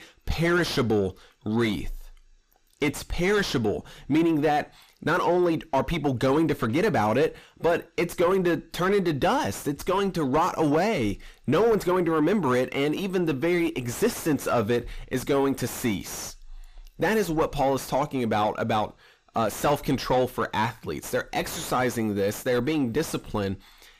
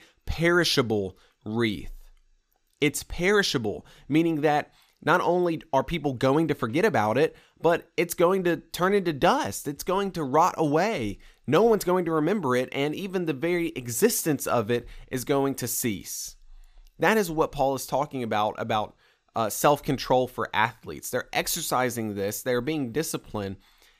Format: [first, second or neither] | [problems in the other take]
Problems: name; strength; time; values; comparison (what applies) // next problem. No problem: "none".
second | distortion; heavy; 7 dB below the speech